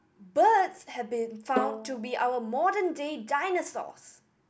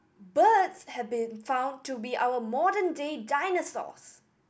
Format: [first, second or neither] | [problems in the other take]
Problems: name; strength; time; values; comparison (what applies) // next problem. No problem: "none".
second | background sound (Bowed string instrument); 10 dB below the speech